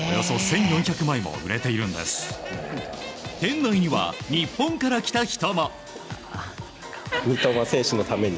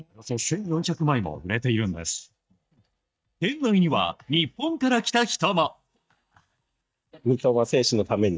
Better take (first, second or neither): first